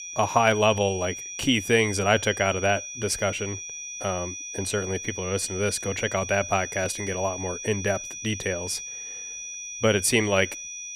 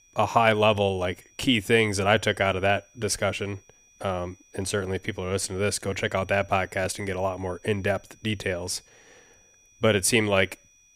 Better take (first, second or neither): second